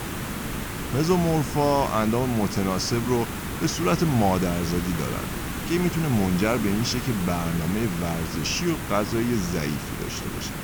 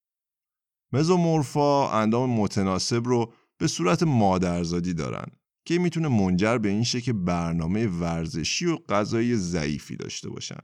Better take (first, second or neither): second